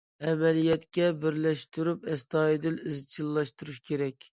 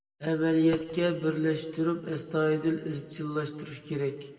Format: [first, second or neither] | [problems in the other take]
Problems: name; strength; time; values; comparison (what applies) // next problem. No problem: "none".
first | room echo; dies away in 1.7 s